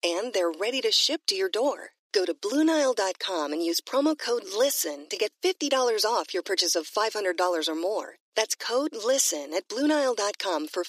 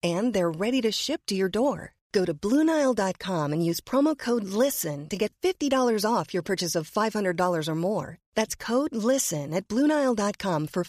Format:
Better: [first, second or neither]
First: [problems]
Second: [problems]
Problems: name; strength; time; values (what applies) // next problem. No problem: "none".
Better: second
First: thin; somewhat; fading below 300 Hz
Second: none